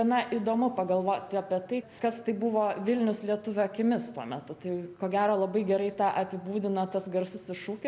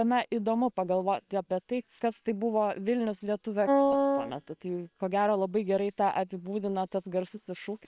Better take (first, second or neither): first